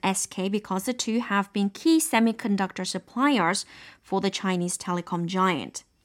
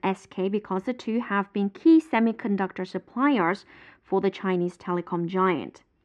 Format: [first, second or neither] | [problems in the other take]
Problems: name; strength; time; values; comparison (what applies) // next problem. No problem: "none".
first | muffled; very; fading above 2 kHz